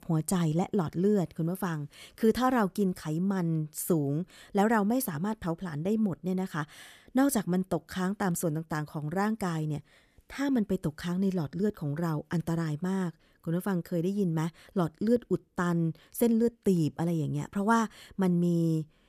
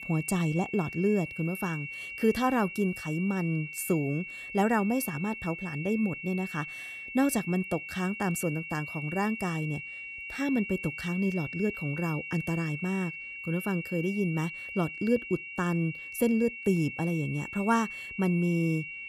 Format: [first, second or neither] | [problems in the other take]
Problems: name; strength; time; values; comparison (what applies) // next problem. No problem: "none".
first | high-pitched whine; loud; throughout; 2.5 kHz, 8 dB below the speech